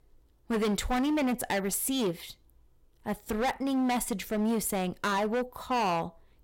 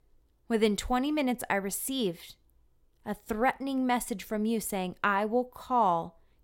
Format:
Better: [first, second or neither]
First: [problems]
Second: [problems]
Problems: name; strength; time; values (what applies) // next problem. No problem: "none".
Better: second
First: distortion; heavy; 15% of the sound clipped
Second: none